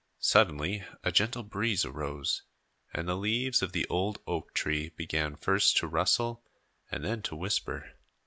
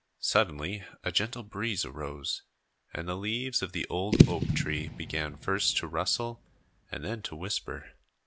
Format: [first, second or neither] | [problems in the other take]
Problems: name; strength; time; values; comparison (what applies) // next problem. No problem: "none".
first | background sound (Fireworks / Boom); 3 dB above the speech